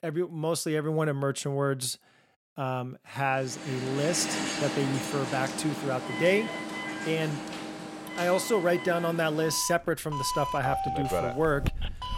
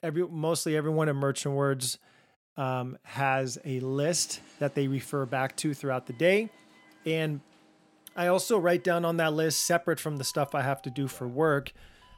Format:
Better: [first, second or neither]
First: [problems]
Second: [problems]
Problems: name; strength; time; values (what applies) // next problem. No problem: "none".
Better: second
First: alarms or sirens; loud; from 3.5 s on; 5 dB below the speech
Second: alarms or sirens; faint; from 3.5 s on; 30 dB below the speech